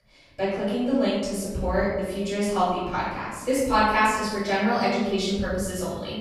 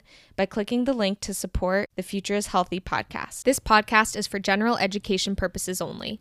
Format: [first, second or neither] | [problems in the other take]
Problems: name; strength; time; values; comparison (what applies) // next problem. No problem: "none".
second | room echo; strong; dies away in 1.2 s // off-mic speech; far